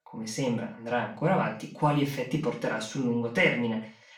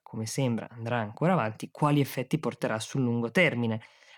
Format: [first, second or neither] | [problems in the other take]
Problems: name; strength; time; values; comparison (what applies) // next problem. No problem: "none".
second | room echo; noticeable; dies away in 0.4 s // off-mic speech; far